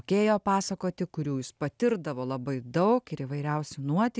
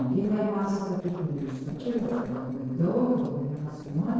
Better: first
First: none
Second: noise reduction (neural separator model SepFormer DNS4)

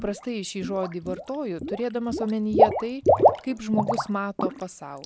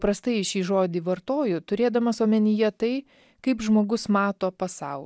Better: second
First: background sound (Water / Liquid); 4 dB above the speech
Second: none

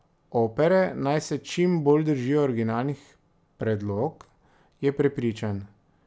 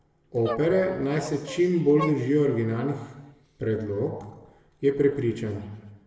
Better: first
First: none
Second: background sound (Dog); 15 dB below the speech // room echo; dies away in 1.2 s

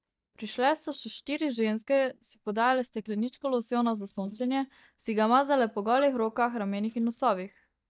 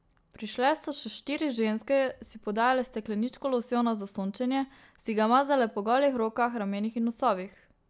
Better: second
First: noise reduction (neural mask model DeepFilterNet 3)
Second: none

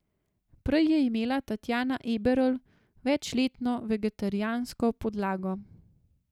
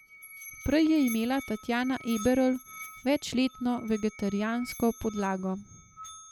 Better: first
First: none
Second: background sound (Musical instrument); 17 dB below the speech

